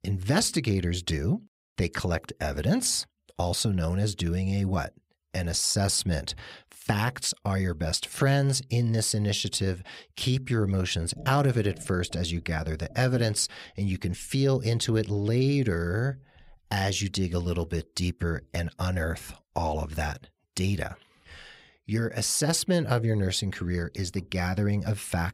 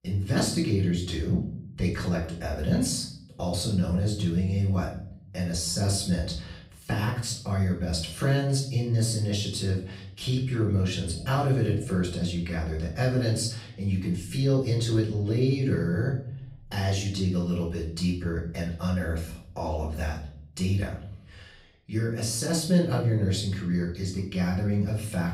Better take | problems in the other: first | off-mic speech; far // room echo; noticeable; dies away in 0.6 s

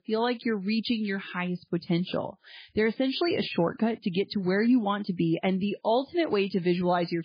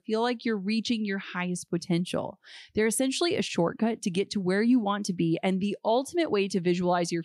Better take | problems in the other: second | garbled, watery; badly; nothing above 4.5 kHz

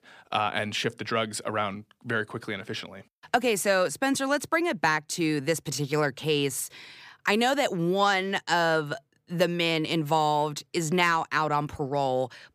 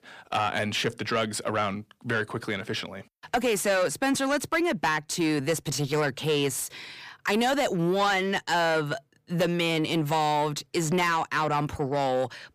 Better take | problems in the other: first | distortion; slight; 10 dB below the speech

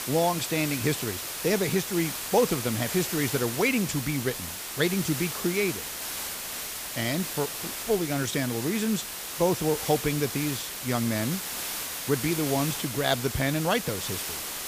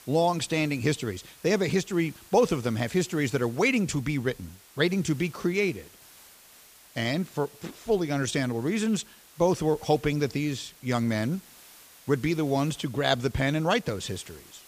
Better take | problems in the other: second | hiss; loud; throughout; 4 dB below the speech; faint in the second

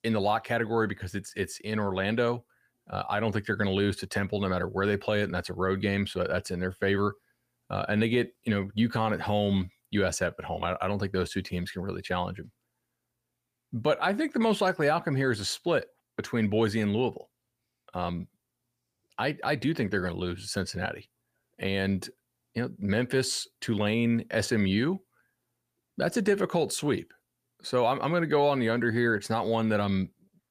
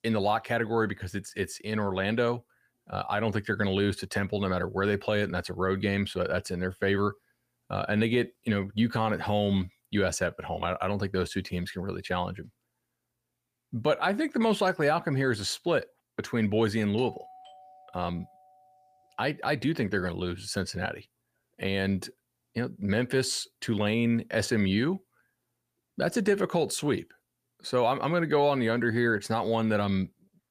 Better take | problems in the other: first | doorbell; faint; from 17 to 19 s; peak 15 dB below the speech

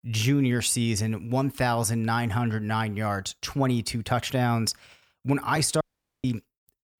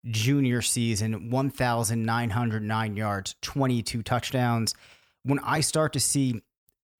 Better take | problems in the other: second | audio cutting out; at 6 s

